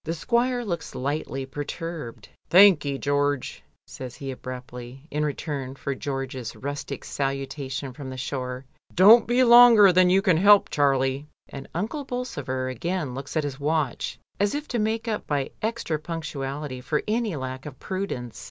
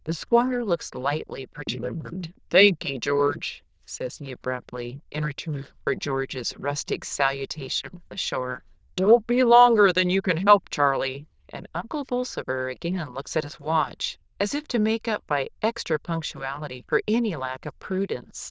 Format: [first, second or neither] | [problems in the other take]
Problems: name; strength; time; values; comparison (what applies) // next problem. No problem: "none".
first | noise reduction (neural diffusion model UNIVERSE++)